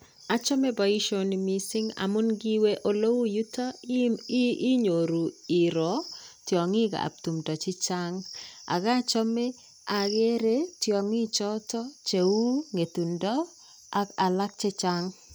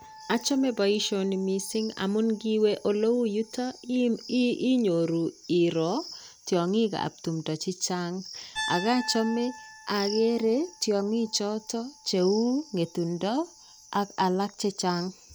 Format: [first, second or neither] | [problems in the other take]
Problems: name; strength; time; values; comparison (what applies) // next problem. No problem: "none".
first | background sound (Piano); 19 dB below the speech